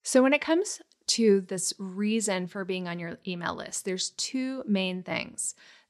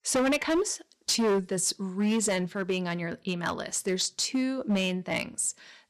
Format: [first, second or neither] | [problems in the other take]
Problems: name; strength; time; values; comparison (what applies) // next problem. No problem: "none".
first | distortion; heavy; 10% of the sound clipped